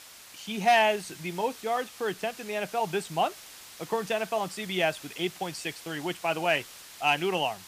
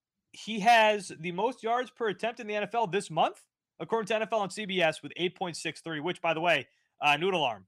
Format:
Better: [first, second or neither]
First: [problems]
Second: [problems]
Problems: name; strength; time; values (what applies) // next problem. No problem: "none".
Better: second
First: hiss; noticeable; throughout; 15 dB below the speech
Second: none